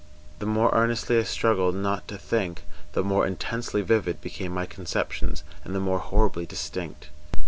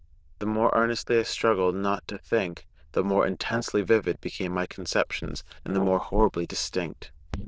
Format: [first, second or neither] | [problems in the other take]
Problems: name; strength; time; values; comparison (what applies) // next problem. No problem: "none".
first | noise reduction (neural diffusion model UNIVERSE++)